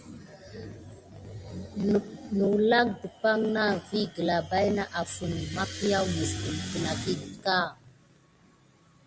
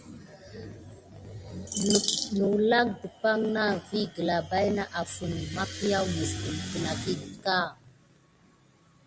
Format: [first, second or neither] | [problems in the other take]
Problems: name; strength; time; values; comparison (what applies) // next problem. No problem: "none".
first | background sound (Bird vocalization, bird call, bird song); 1 dB below the speech